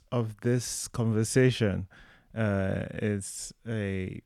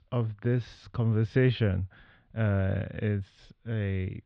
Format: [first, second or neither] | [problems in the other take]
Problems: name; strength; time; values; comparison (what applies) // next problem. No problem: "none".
first | muffled; very; fading above 4 kHz